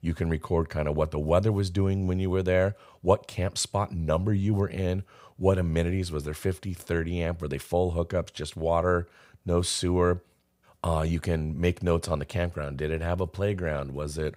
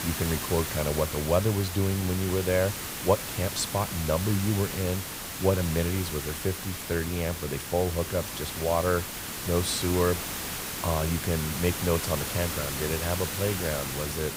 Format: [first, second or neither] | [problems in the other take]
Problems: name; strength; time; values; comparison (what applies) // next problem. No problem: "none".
first | hiss; loud; throughout; 4 dB below the speech